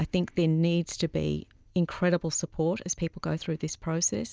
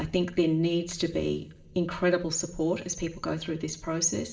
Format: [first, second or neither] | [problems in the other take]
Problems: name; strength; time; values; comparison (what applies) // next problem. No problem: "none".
first | room echo; dies away in 1.3 s